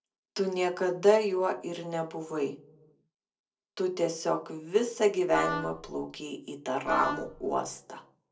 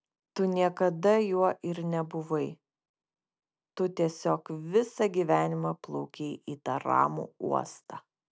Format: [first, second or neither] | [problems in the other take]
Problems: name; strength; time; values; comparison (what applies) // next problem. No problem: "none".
second | noise reduction (neural separator model SepFormer DNS4)